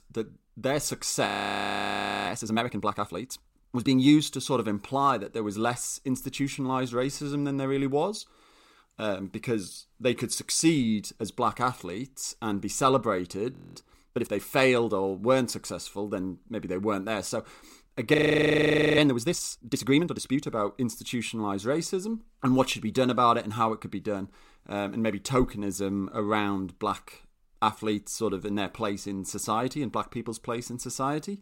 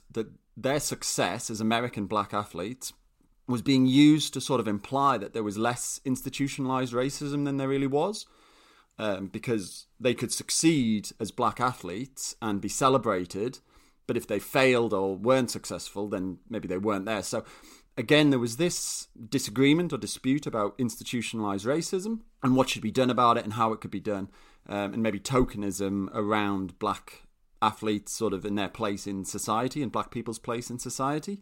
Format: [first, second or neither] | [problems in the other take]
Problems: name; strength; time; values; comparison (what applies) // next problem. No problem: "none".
second | audio freezing; at 1.5 s for 1 s, at 14 s and at 18 s for 1 s